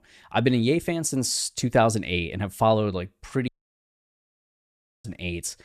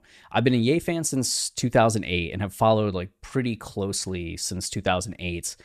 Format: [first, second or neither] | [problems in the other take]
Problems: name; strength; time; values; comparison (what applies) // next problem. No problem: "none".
second | audio cutting out; at 3.5 s for 1.5 s